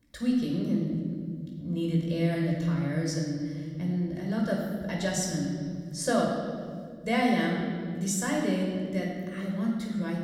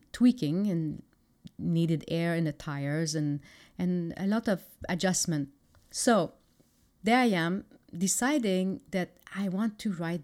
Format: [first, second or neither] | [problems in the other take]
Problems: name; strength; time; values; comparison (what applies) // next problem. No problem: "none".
second | off-mic speech; far // room echo; noticeable; dies away in 2.2 s